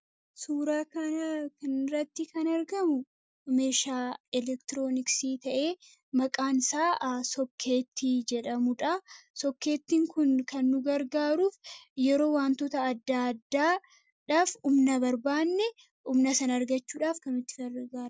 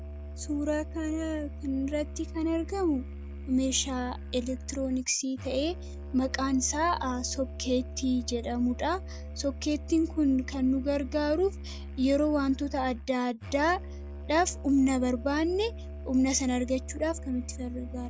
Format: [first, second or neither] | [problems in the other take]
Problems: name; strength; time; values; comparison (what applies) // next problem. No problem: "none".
first | background sound (Musical instrument); 10 dB below the speech